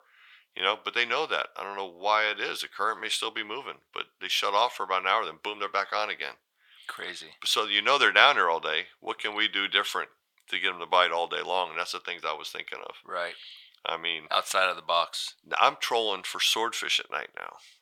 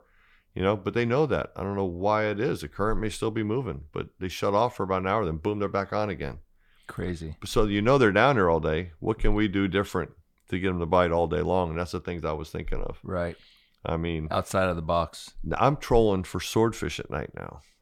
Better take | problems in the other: second | thin; very; fading below 900 Hz

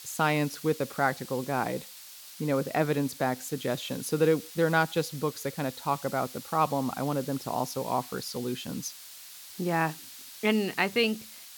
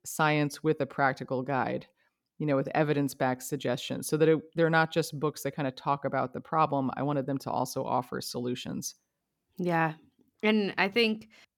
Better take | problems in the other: second | hiss; noticeable; throughout; 15 dB below the speech

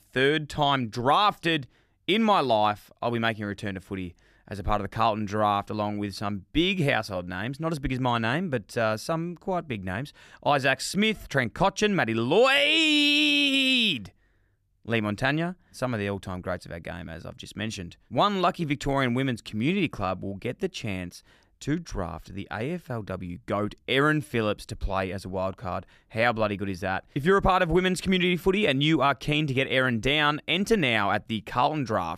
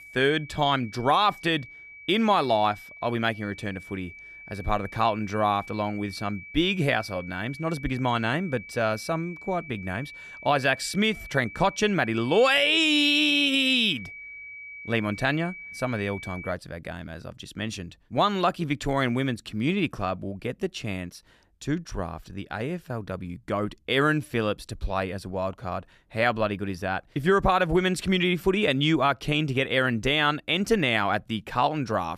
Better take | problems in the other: first | high-pitched whine; noticeable; until 17 s; 2.5 kHz, 15 dB below the speech

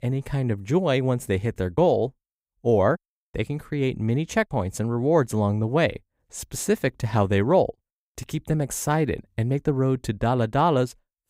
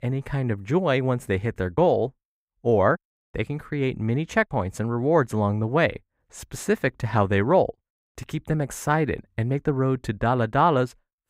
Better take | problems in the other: first | muffled; very slightly; fading above 4 kHz

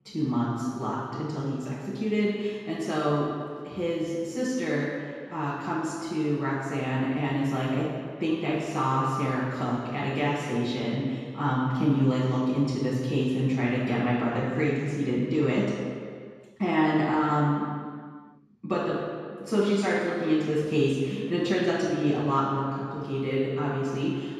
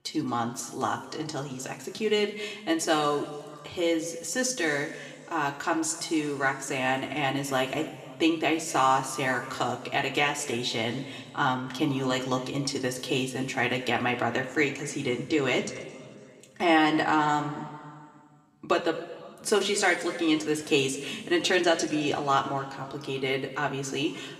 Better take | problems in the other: second | room echo; strong; dies away in 2 s; slight in the second // off-mic speech; far; somewhat distant in the second

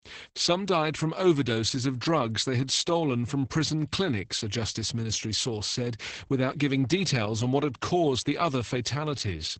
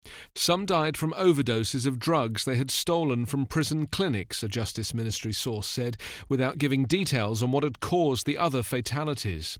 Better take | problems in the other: second | garbled, watery; badly; nothing above 8 kHz; slightly in the second

